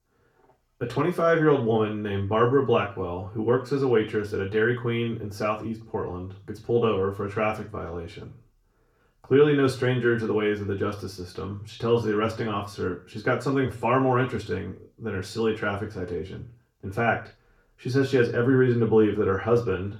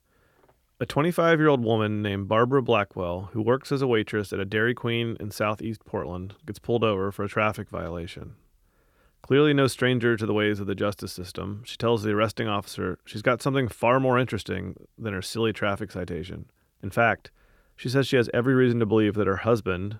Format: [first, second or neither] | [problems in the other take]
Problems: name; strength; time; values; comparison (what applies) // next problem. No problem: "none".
second | room echo; slight; dies away in 0.3 s // off-mic speech; far